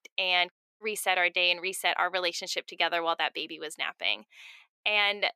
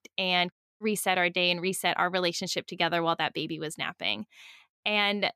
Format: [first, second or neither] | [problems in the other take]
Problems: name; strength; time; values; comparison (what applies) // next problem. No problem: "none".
second | thin; very; fading below 500 Hz